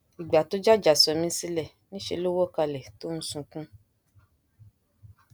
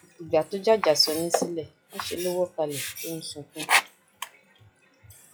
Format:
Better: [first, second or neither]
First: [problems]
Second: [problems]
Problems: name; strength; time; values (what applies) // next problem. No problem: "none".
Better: first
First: none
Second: noise reduction (classical method log-MMSE)